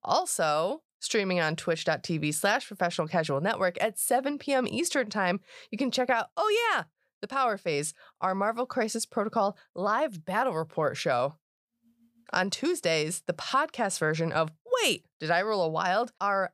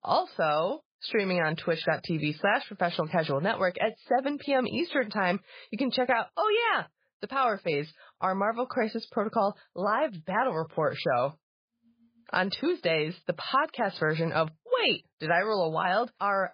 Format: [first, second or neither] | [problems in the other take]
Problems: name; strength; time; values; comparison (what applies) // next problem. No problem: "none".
first | garbled, watery; badly; nothing above 4 kHz